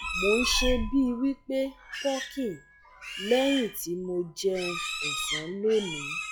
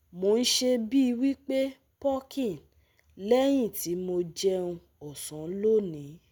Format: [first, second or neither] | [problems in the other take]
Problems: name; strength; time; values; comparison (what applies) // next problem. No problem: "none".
second | noise reduction (classical method log-MMSE)